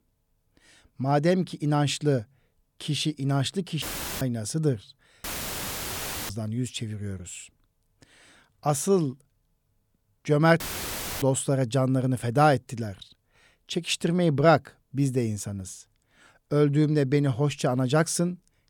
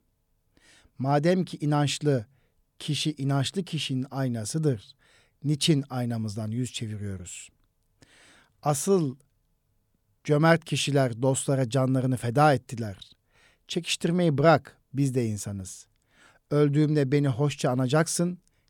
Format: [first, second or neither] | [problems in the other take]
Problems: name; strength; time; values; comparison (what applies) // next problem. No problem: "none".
second | audio cutting out; filled with static; at 4 s, at 5 s for 1 s and at 11 s for 0.5 s